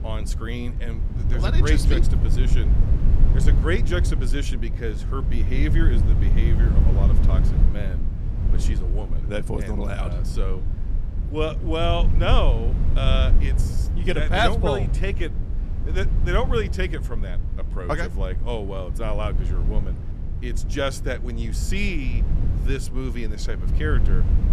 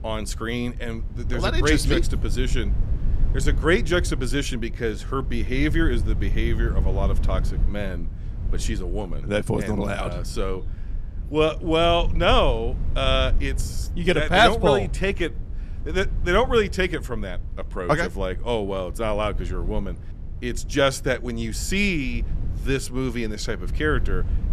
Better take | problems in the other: second | low rumble; loud; throughout; 10 dB below the speech; faint in the second

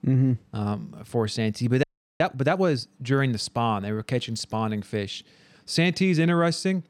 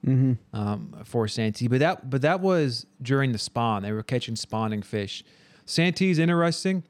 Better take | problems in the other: second | audio freezing; at 2 s

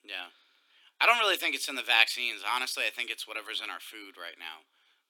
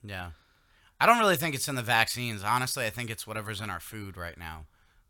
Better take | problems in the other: second | thin; somewhat; fading below 250 Hz

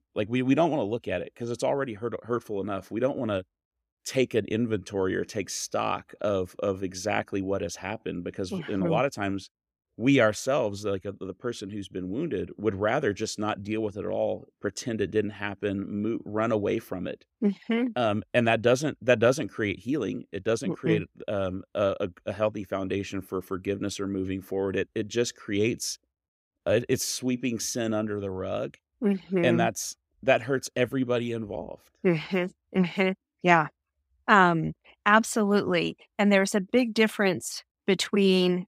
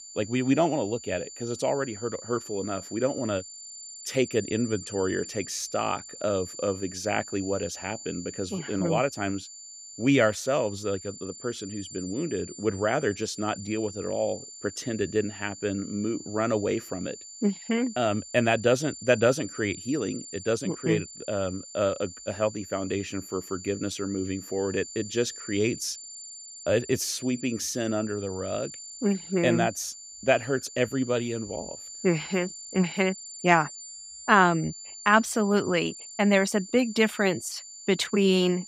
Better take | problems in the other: first | high-pitched whine; noticeable; throughout; 7 kHz, 15 dB below the speech

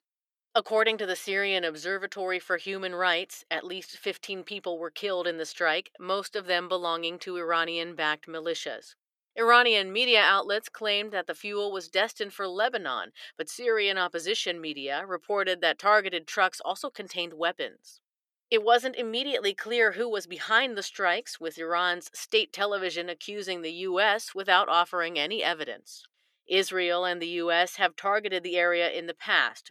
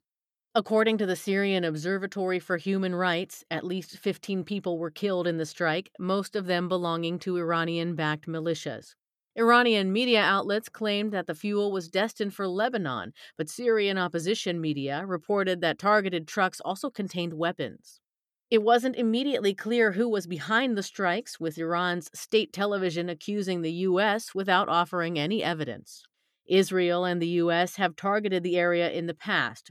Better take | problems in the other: second | thin; very; fading below 500 Hz

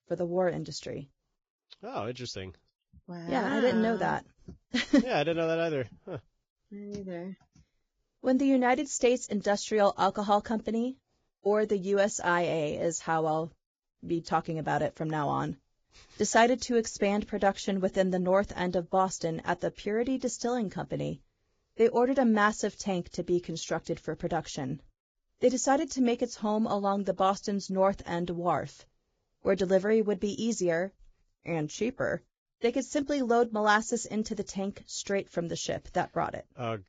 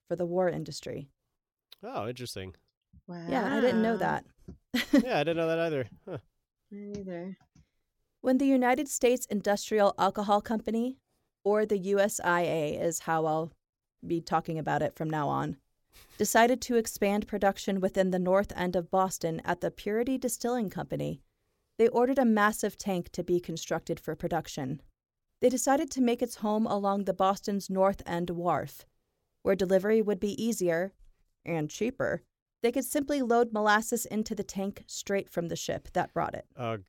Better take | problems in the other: second | garbled, watery; badly; nothing above 7.5 kHz

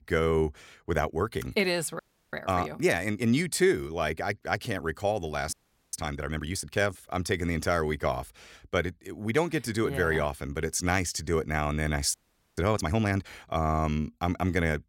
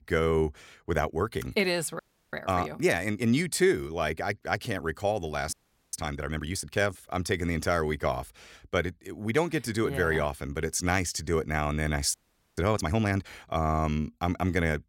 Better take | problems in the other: neither | audio freezing; at 2 s, at 5.5 s and at 12 s; the same in both

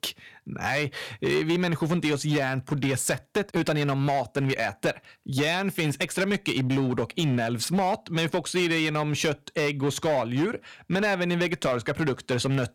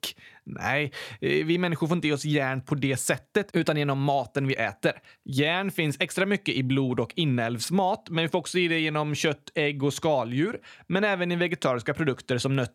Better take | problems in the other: second | distortion; slight; 10% of the sound clipped

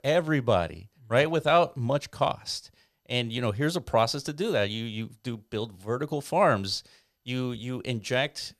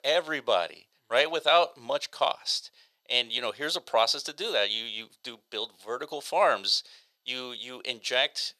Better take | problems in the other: first | thin; very; fading below 600 Hz

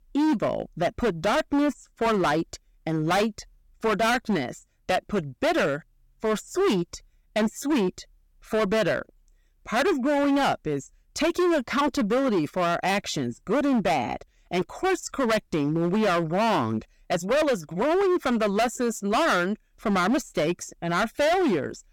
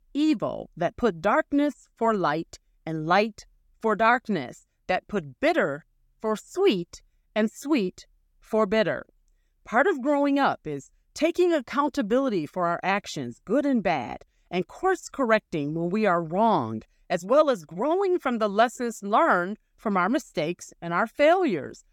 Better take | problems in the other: second | distortion; heavy; 18% of the sound clipped

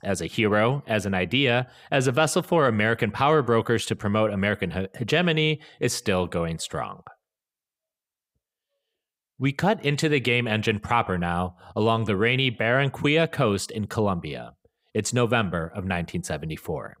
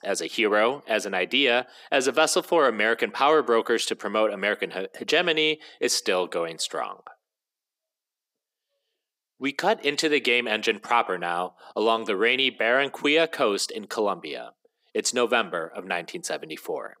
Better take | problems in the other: first | thin; somewhat; fading below 300 Hz

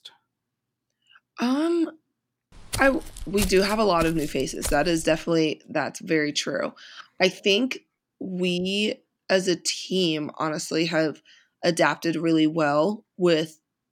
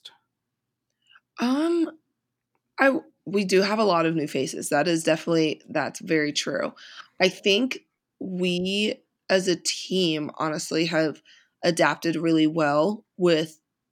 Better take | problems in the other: second | footsteps; noticeable; from 2.5 to 5 s; peak 6 dB below the speech

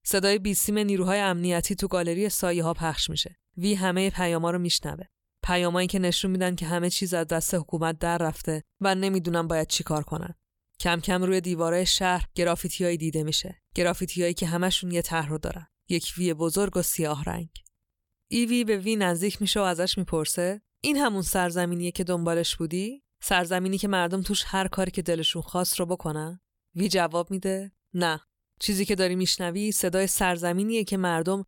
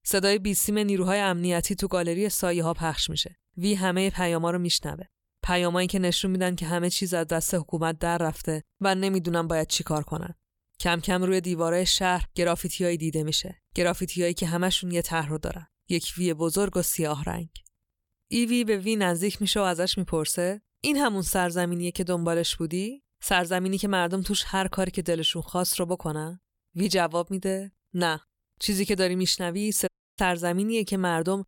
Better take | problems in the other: first | audio cutting out; at 30 s

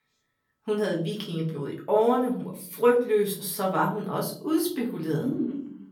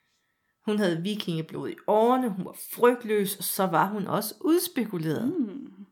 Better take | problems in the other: second | off-mic speech; far // room echo; very slight; dies away in 0.5 s

